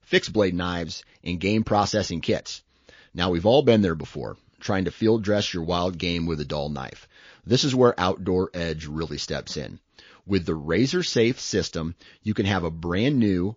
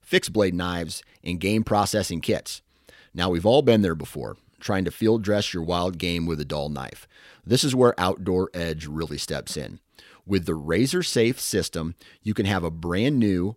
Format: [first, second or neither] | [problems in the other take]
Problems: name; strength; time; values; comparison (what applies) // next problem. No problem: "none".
second | garbled, watery; slightly; nothing above 6.5 kHz